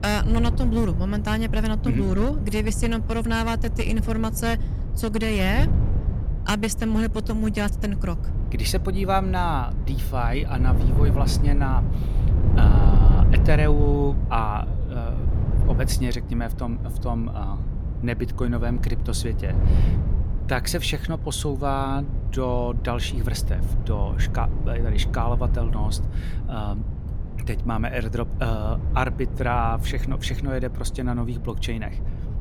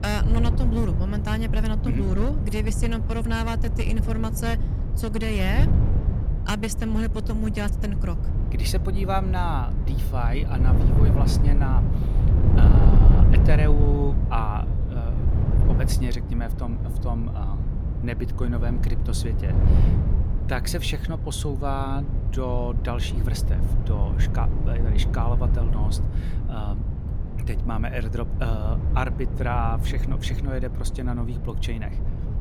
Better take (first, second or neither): first